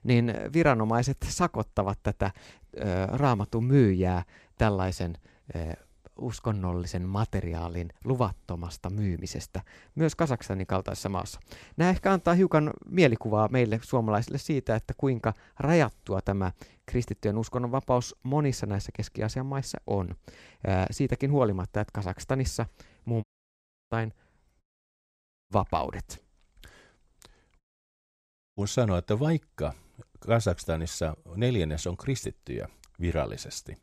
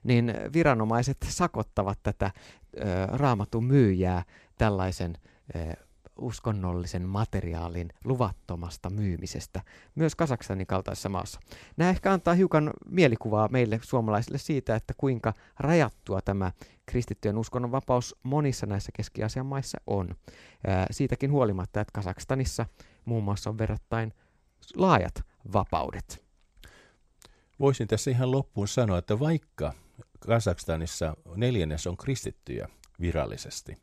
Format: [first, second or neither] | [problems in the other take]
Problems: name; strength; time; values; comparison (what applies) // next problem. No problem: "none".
second | audio cutting out; at 23 s for 0.5 s, at 25 s for 1 s and at 28 s for 1 s